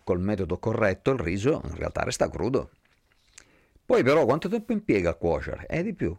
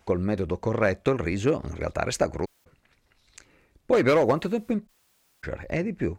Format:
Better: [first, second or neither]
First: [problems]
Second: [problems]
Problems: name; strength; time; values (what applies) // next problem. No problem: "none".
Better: first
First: none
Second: audio cutting out; at 2.5 s and at 5 s for 0.5 s